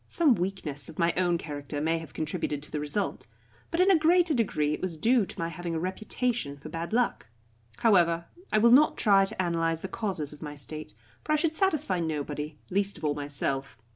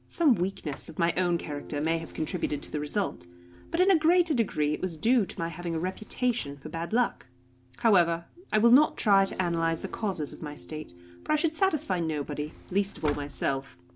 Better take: first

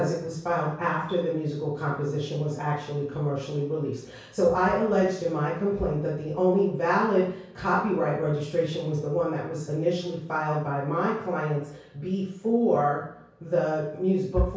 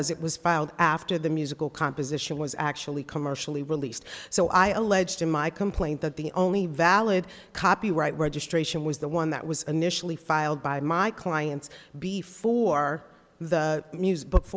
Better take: second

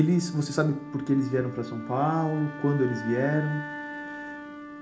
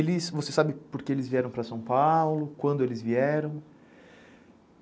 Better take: second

